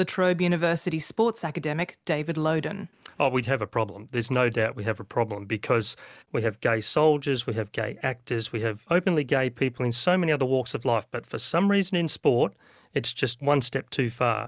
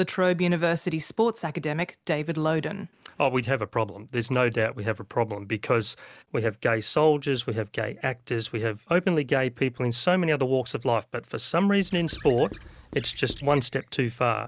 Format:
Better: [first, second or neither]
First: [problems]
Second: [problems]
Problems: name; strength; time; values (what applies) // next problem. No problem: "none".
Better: first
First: none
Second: background sound (Squeak / Writing); 17 dB below the speech